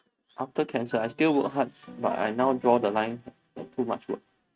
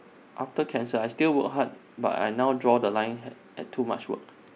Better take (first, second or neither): second